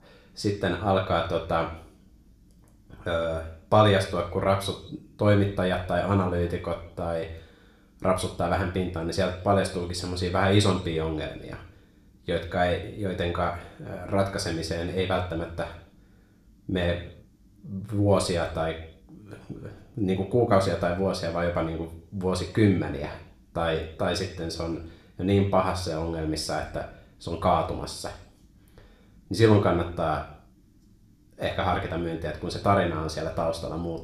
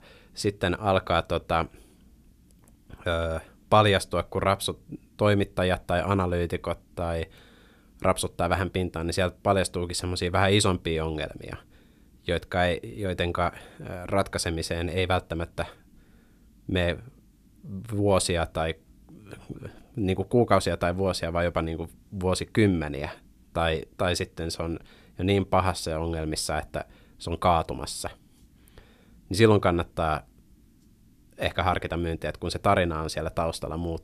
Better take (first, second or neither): second